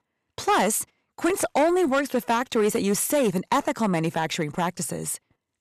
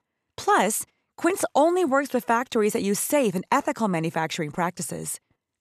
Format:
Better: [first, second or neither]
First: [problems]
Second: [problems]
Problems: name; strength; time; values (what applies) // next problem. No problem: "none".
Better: second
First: distortion; slight; 6% of the sound clipped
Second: none